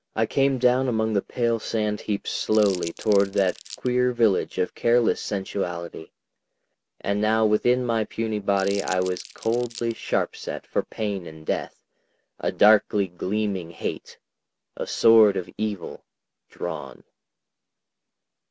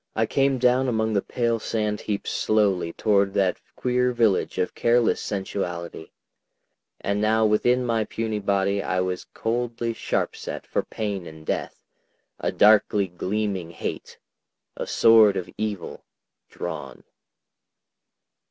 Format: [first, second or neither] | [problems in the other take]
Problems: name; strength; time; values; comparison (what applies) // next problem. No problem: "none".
second | background sound (Crumpling, crinkling); 16 dB below the speech